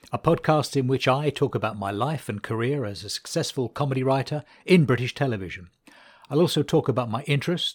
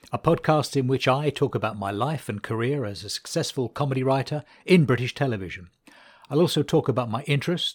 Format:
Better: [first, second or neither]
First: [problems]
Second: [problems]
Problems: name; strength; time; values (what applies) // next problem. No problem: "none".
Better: neither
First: none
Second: none